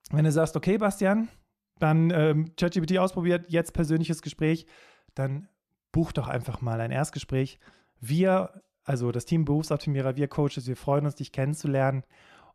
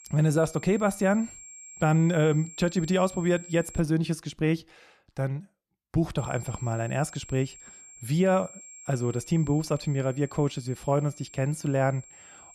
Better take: first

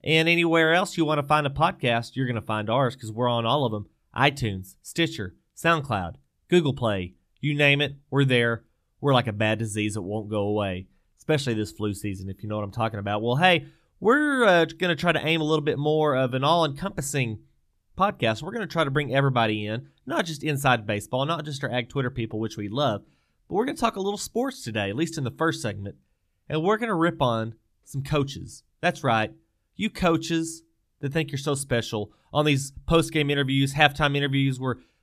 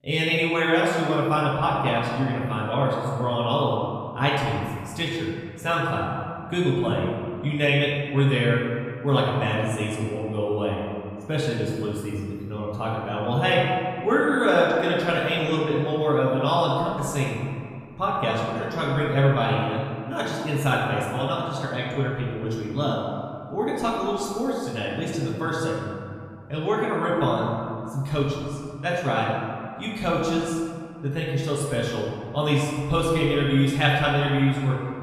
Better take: first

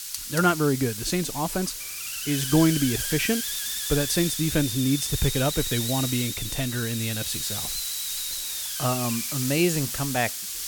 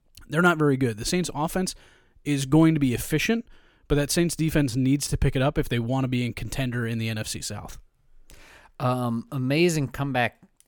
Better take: second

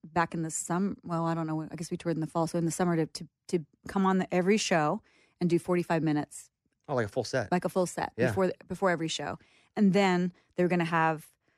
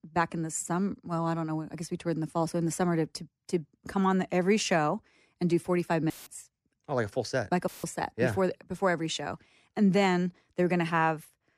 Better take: first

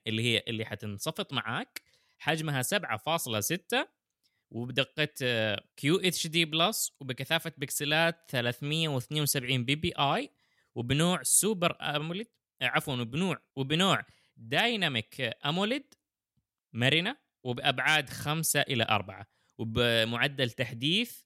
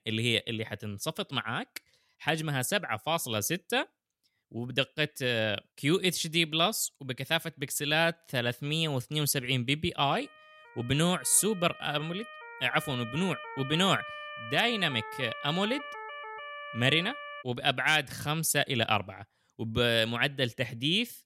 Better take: first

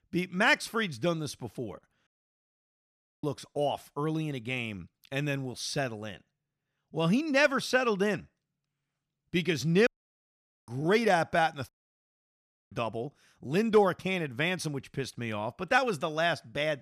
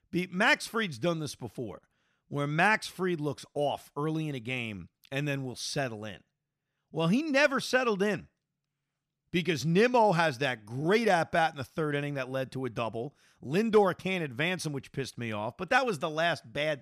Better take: second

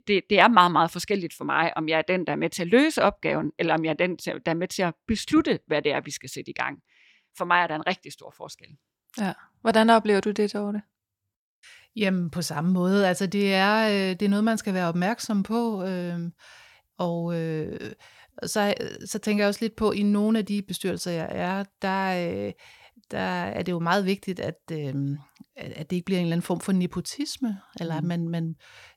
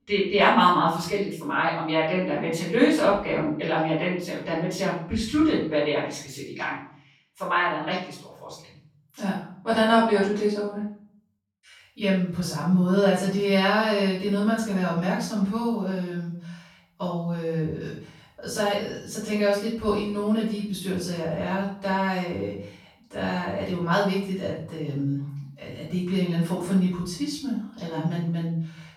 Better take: first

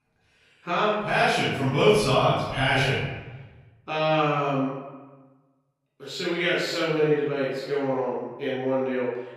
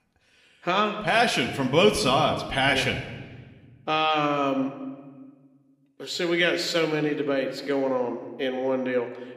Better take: second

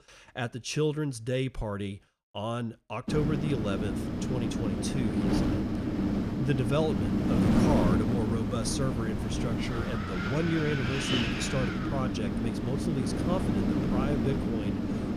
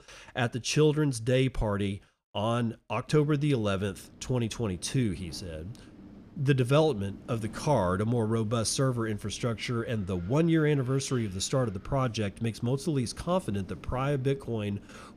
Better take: second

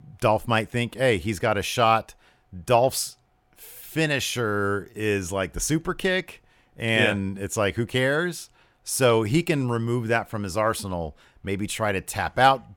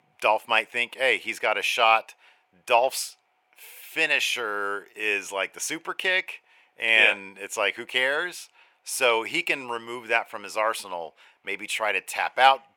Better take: first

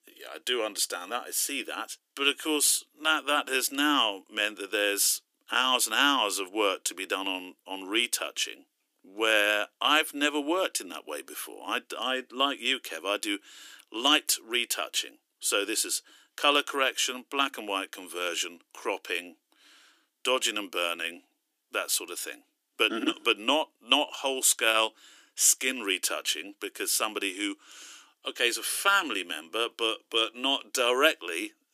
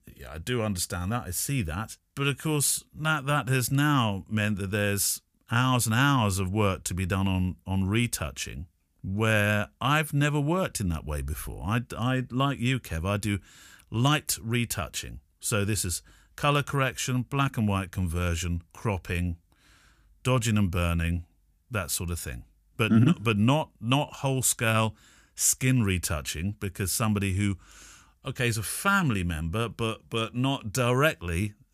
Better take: second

